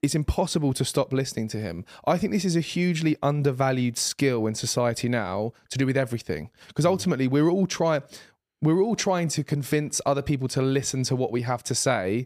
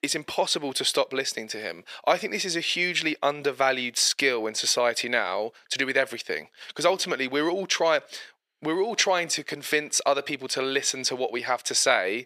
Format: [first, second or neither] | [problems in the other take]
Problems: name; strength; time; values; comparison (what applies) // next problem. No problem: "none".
first | thin; very; fading below 500 Hz